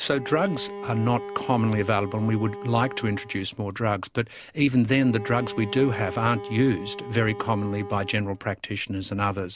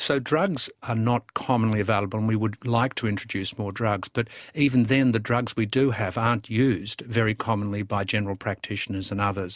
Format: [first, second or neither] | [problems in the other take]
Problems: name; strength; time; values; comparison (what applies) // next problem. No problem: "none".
second | background sound (Bowed string instrument); 13 dB below the speech